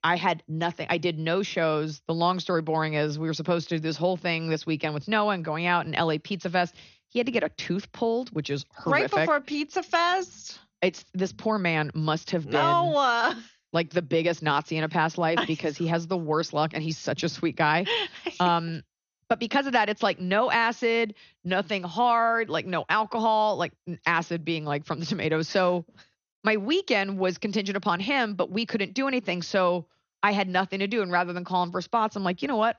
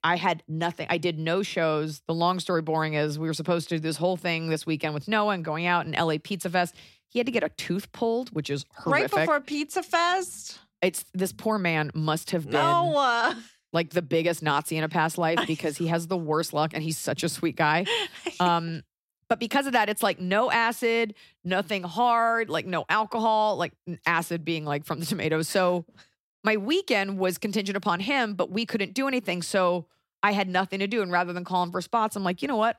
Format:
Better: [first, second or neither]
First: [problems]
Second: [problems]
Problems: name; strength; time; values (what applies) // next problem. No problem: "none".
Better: second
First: garbled, watery; slightly; nothing above 6.5 kHz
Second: none